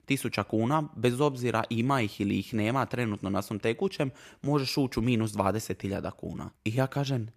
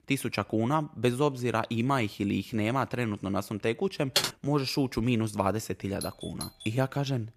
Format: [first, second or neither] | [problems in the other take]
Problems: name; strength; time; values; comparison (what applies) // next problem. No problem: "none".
first | keyboard typing; loud; at 4 s; peak 2 dB above the speech // doorbell; faint; at 6 s; peak 10 dB below the speech